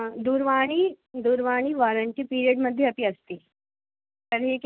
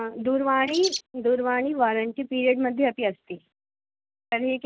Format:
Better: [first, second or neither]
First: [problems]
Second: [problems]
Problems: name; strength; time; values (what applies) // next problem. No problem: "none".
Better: first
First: none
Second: background sound (Bird); 6 dB below the speech